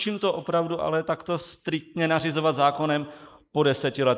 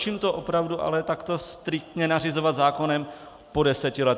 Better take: second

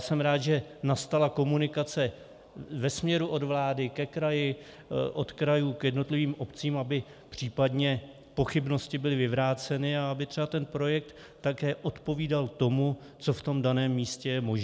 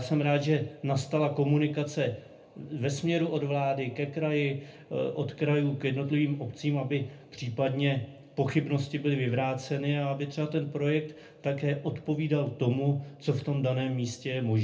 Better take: first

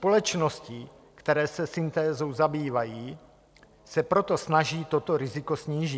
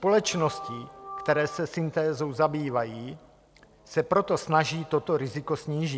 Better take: first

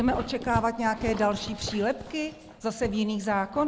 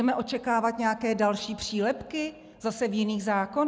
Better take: second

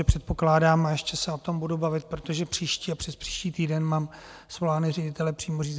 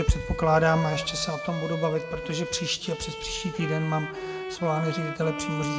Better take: first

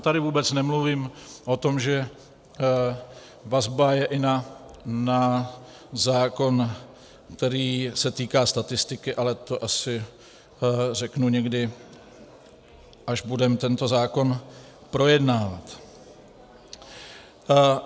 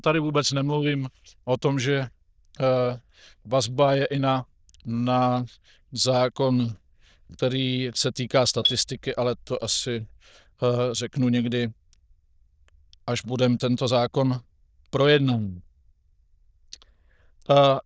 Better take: first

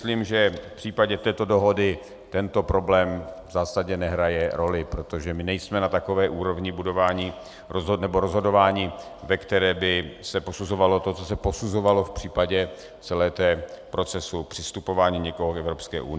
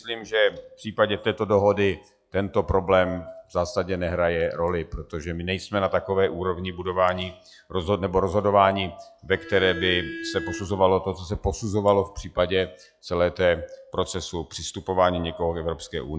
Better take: first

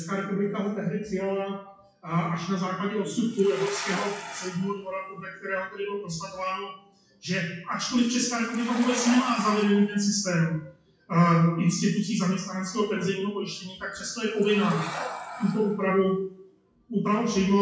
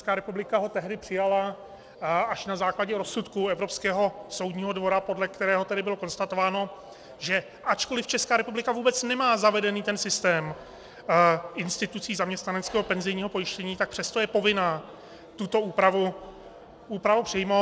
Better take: second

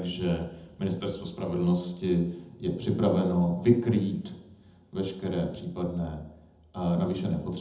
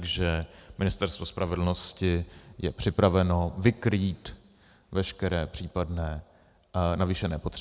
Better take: second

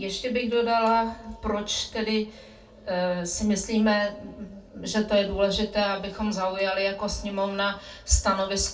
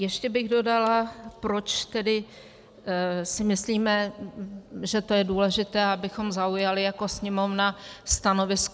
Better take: second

